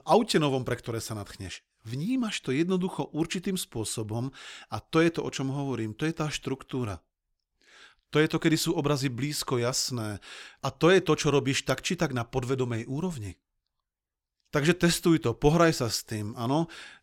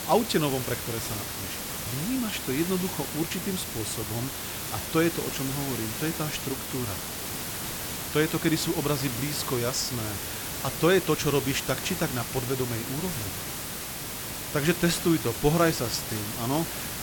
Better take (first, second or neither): first